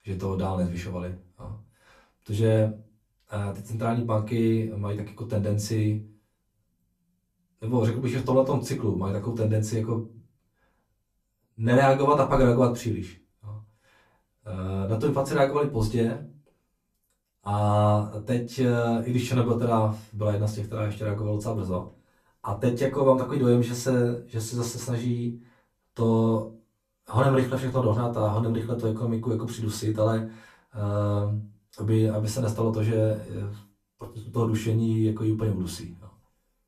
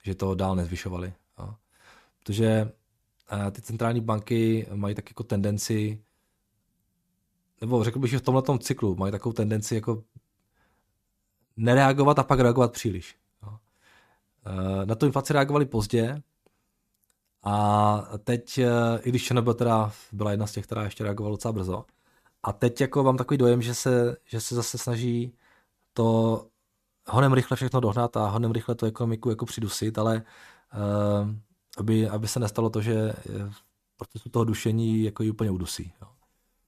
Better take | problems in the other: second | off-mic speech; far // room echo; very slight; dies away in 0.2 s

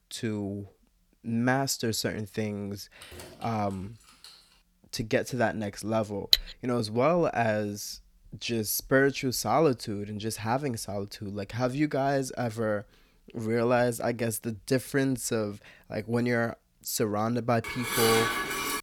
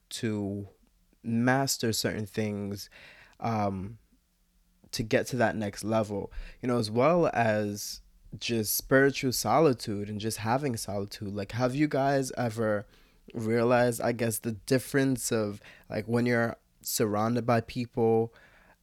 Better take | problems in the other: second | jangling keys; faint; from 3 to 4.5 s; peak 15 dB below the speech // clattering dishes; very faint; at 6.5 s; peak 5 dB above the speech // clattering dishes; loud; from 18 s on; peak 4 dB above the speech

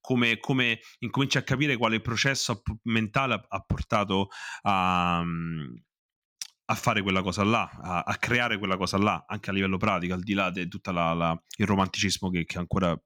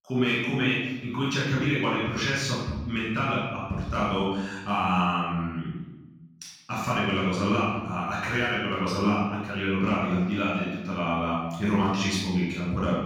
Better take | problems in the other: first | room echo; strong; dies away in 1 s // off-mic speech; far

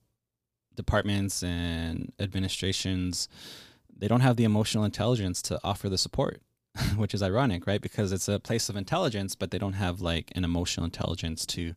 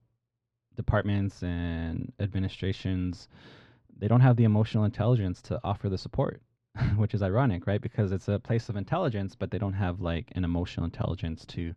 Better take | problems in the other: first | muffled; very; fading above 2 kHz

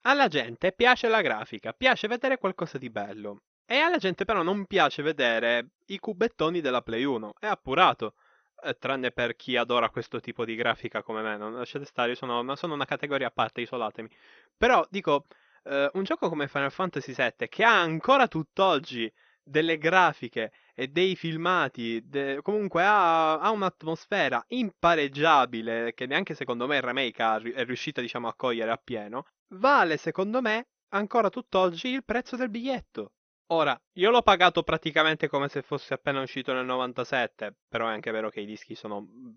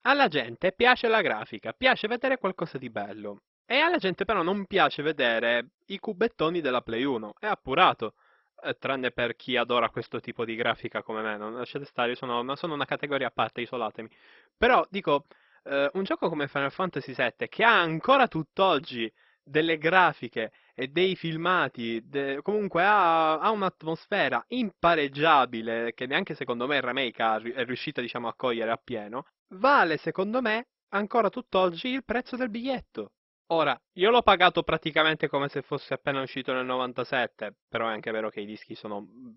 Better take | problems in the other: first | garbled, watery; badly; nothing above 5.5 kHz; slightly in the first

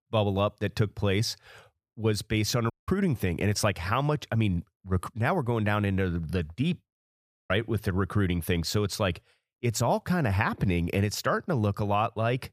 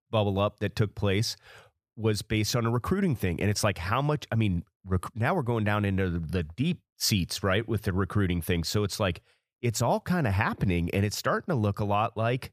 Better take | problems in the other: second | audio cutting out; at 2.5 s and at 7 s for 0.5 s

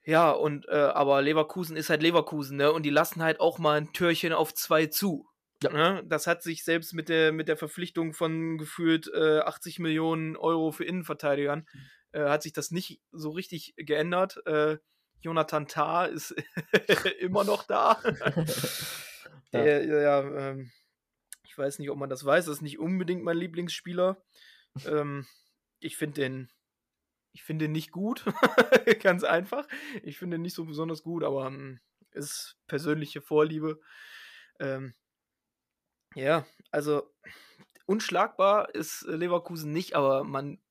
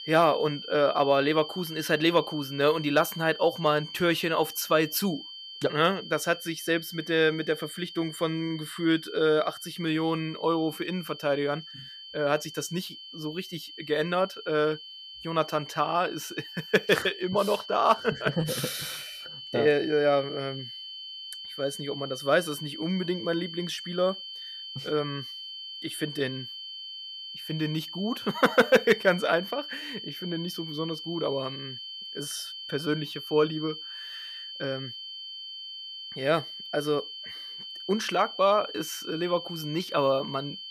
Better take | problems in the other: first | high-pitched whine; noticeable; throughout; 3 kHz, 10 dB below the speech

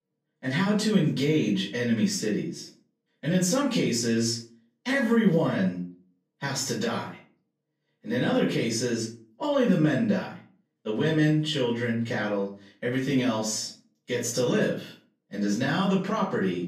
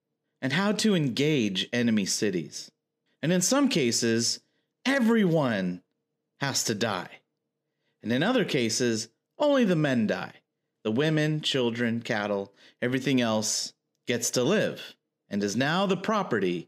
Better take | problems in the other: second | room echo; slight; dies away in 0.3 s // off-mic speech; far

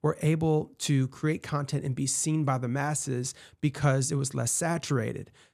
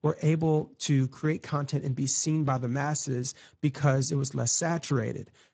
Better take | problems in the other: first | garbled, watery; badly; nothing above 7.5 kHz

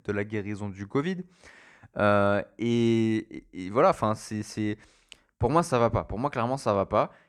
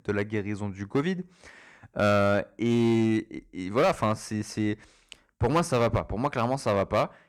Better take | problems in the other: first | distortion; slight; 5% of the sound clipped

